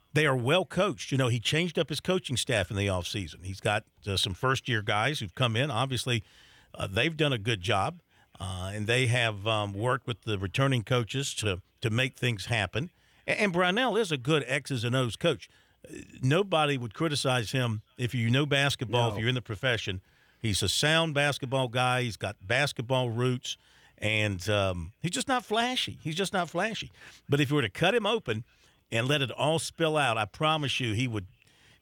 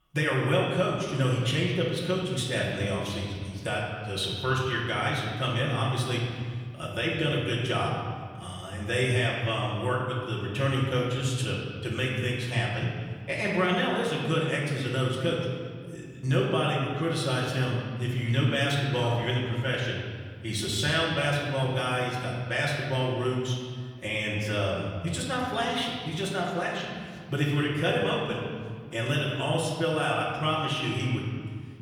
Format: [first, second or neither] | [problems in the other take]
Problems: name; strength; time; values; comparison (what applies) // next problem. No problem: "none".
first | room echo; noticeable; dies away in 1.8 s // off-mic speech; far